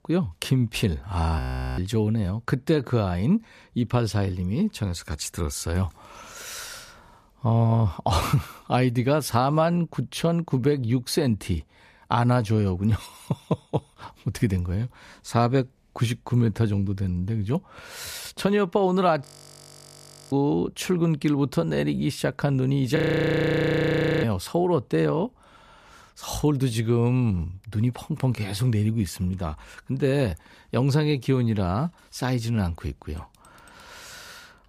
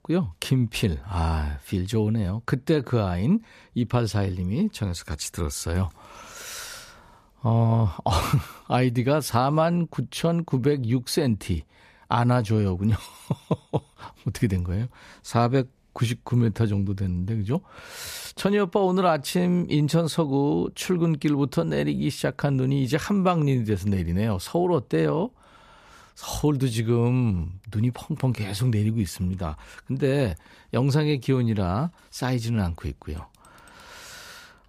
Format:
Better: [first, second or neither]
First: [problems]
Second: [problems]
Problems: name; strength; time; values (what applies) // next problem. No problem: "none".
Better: second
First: audio freezing; at 1.5 s, at 19 s for 1 s and at 23 s for 1.5 s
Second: none